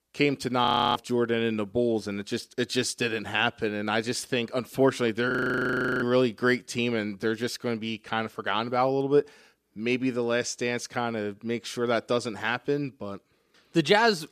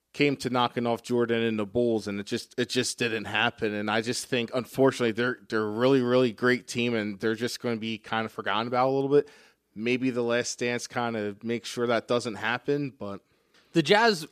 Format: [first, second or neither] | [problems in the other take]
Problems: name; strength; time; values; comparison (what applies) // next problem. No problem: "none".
second | audio freezing; at 0.5 s and at 5.5 s for 0.5 s